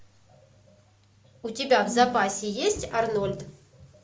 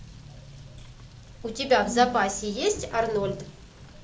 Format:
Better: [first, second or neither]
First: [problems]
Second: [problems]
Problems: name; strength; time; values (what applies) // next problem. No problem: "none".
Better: first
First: none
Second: background sound (Motor vehicle (road) / Rain); 18 dB below the speech